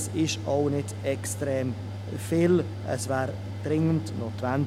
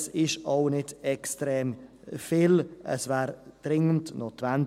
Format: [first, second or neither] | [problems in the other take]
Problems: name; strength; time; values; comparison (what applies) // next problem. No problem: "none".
second | background sound (Mechanical fan); 7 dB below the speech